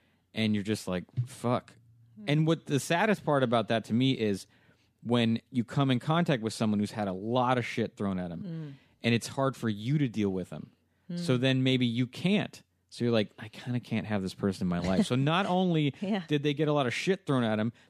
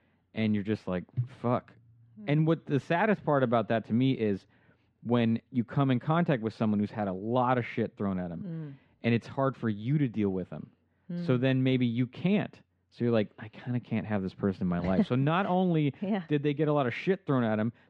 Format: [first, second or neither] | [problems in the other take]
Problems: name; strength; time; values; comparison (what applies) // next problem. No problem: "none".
first | muffled; slightly; fading above 2 kHz